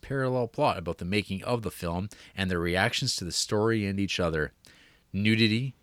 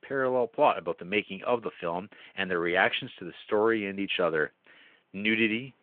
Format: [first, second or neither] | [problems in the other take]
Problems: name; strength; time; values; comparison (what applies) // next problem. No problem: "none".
first | phone-call audio